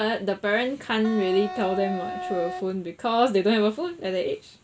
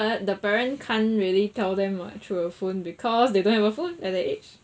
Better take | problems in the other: second | background sound (Wind instrument, woodwind instrument); 8 dB below the speech

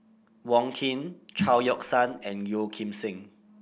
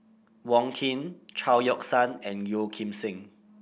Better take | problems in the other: second | background sound (Snare drum); 10 dB below the speech

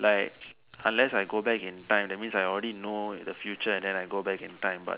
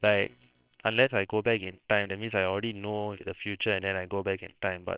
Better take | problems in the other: first | noise reduction (neural separator model SepFormer WHAMR!)

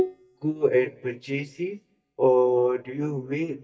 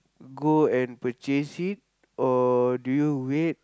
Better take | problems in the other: second | noise reduction (neural mask model DeepFilterNet 3)

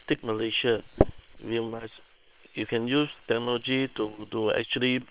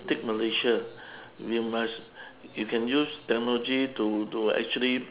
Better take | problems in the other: second | noise reduction (neural separator model SepFormer WHAM!)

